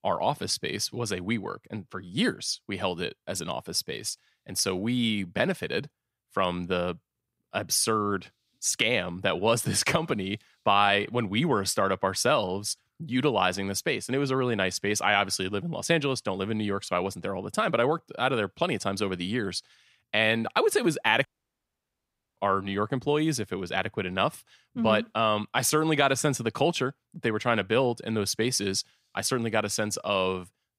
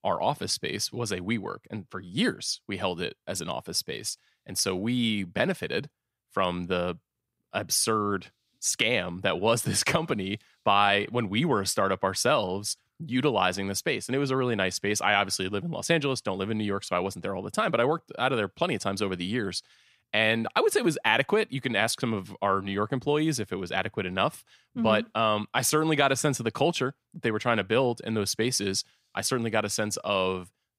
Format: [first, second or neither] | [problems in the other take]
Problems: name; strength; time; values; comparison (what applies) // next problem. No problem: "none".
second | audio cutting out; at 21 s for 1 s